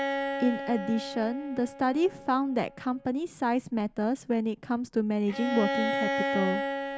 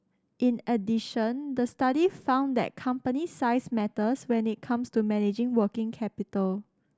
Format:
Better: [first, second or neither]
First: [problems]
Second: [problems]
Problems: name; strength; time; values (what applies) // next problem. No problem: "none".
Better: second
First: background sound (Bowed string instrument); 5 dB below the speech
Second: none